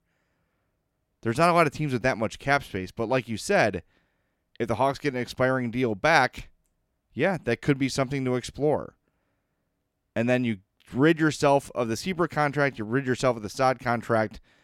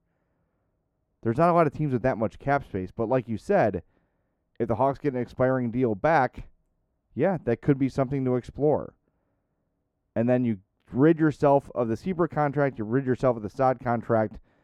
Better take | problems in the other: first | muffled; very; fading above 2 kHz

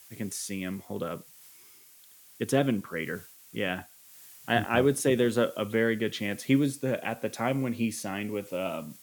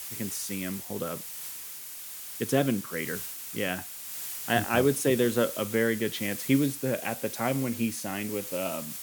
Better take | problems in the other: first | hiss; loud; throughout; 7 dB below the speech; faint in the first

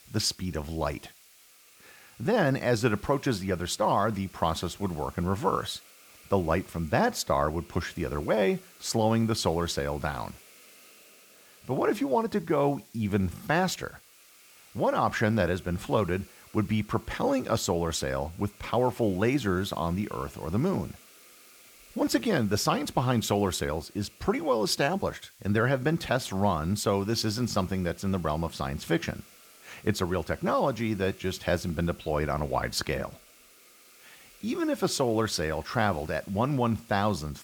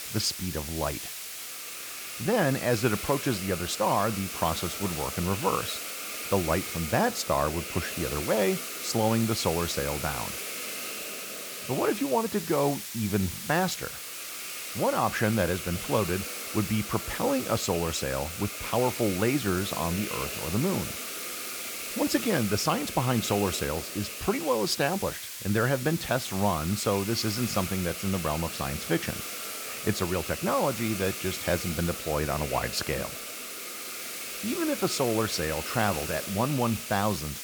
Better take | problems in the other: first | hiss; loud; throughout; 5 dB below the speech; faint in the first

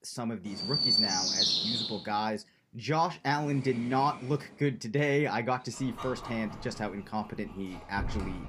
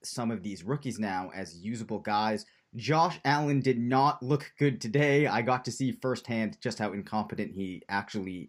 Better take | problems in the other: second | animal sounds; very loud; throughout; 5 dB above the speech

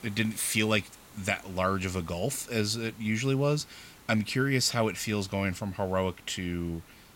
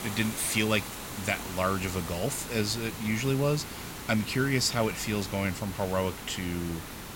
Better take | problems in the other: first | hiss; loud; throughout; 9 dB below the speech; faint in the first

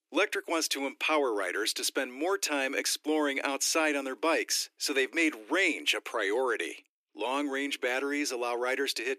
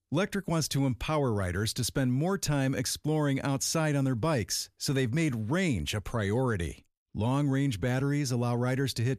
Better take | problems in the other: second | thin; somewhat; fading below 300 Hz

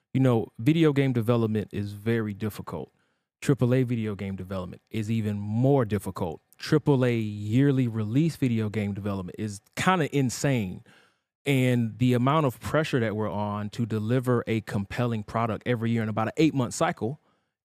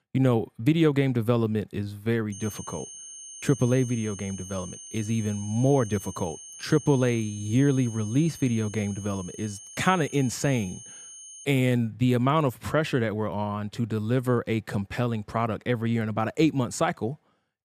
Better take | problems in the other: first | high-pitched whine; noticeable; from 2.5 to 11 s; 6.5 kHz, 15 dB below the speech

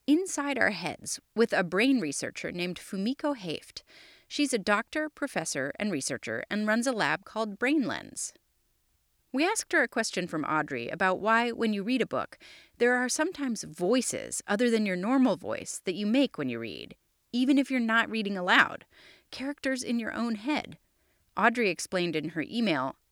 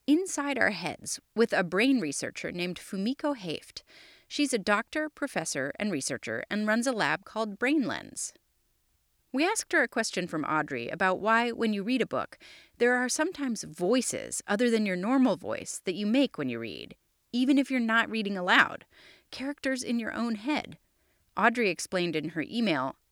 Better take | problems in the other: neither | none

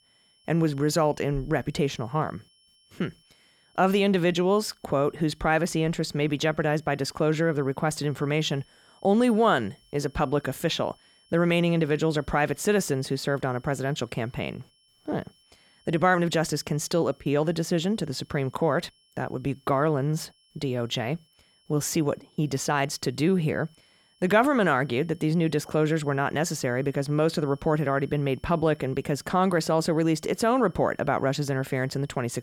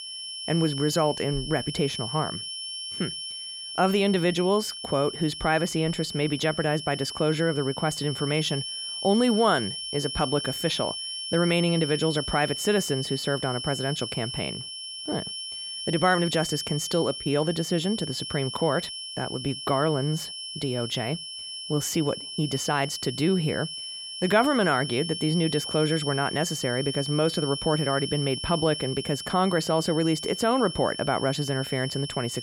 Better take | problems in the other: first | high-pitched whine; loud; throughout; 3 kHz, 6 dB below the speech; faint in the first

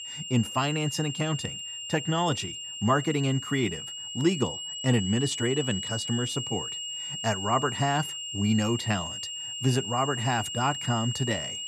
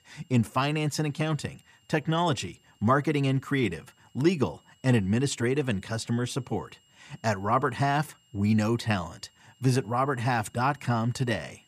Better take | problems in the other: second | high-pitched whine; loud; throughout; 3 kHz, 5 dB below the speech; faint in the second

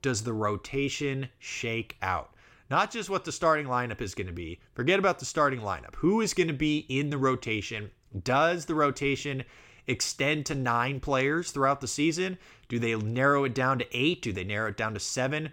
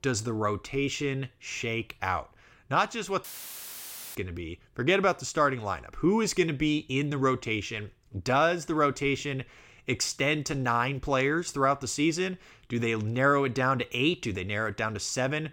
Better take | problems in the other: first | audio cutting out; filled with static; at 3 s for 1 s

